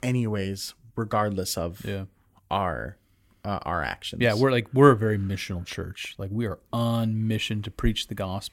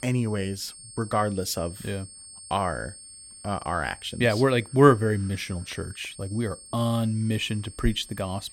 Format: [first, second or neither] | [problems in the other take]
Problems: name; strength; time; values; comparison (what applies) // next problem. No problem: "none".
first | high-pitched whine; noticeable; throughout; 8.5 kHz, 15 dB below the speech